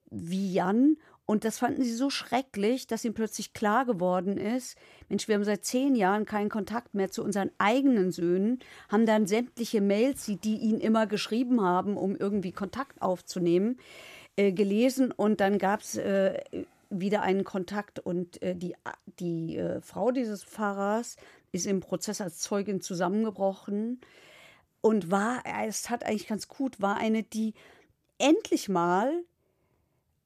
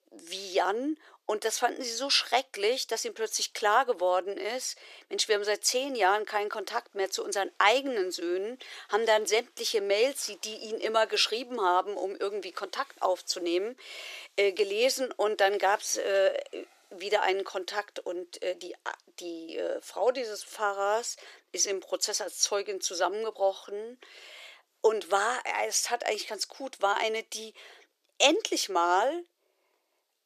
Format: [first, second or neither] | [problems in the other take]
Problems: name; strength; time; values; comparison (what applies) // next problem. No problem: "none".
first | thin; very; fading below 400 Hz